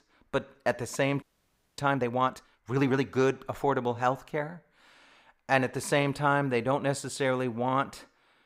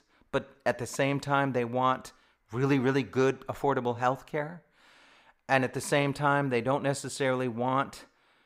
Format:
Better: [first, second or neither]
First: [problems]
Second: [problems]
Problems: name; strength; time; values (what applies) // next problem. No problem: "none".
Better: second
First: audio freezing; at 1 s for 0.5 s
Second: none